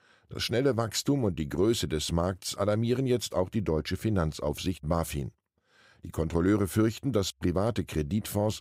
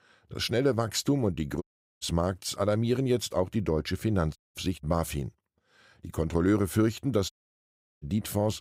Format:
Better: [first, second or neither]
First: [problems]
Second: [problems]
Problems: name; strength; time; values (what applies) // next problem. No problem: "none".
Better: first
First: none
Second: audio cutting out; at 1.5 s, at 4.5 s and at 7.5 s for 0.5 s